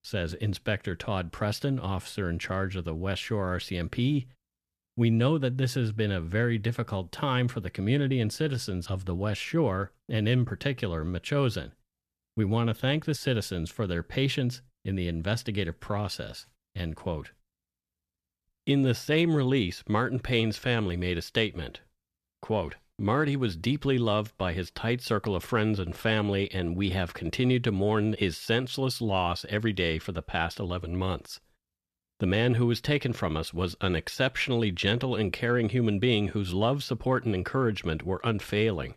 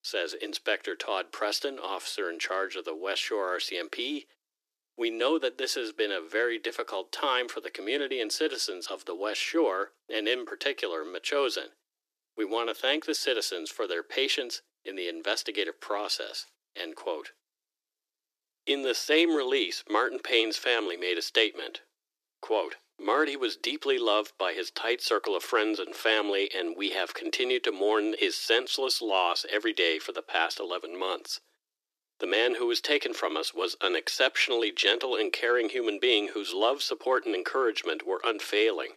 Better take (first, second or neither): first